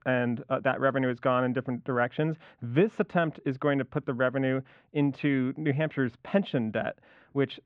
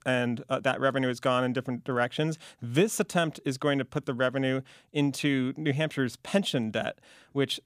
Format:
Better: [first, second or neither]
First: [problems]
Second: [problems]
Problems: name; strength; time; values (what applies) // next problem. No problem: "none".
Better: second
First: muffled; very; fading above 2 kHz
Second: none